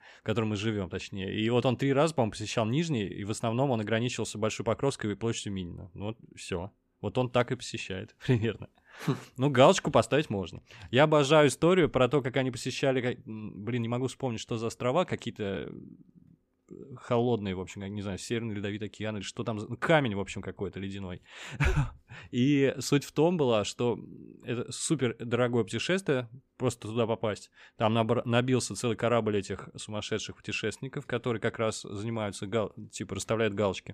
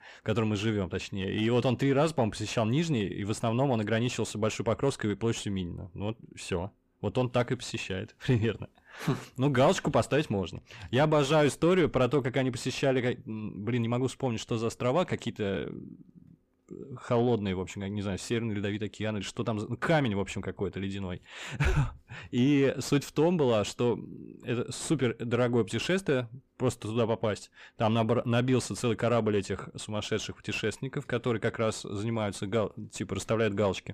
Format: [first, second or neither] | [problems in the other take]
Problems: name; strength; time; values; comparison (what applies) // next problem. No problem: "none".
first | distortion; slight; 10 dB below the speech